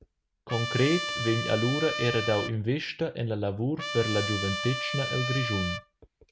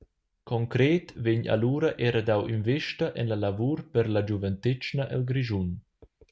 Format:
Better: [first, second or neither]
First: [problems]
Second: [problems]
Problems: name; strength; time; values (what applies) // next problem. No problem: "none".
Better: second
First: background sound (Trumpet); 5 dB below the speech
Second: none